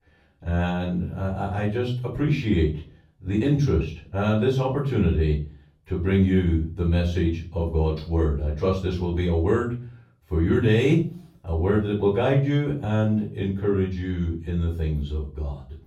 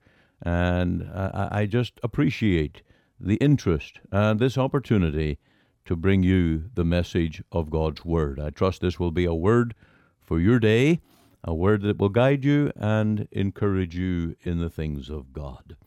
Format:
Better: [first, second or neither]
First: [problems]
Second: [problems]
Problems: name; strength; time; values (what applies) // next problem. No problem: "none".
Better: second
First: room echo; slight; dies away in 0.4 s // off-mic speech; far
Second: none